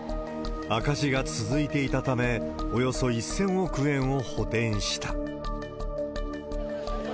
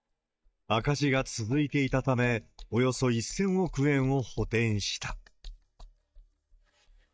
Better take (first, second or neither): first